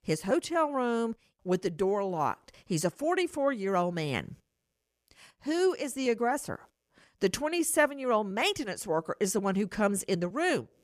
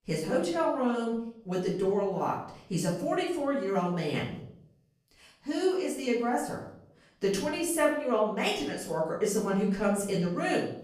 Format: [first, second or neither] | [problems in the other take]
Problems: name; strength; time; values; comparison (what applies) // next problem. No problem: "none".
first | room echo; noticeable; dies away in 0.6 s // off-mic speech; far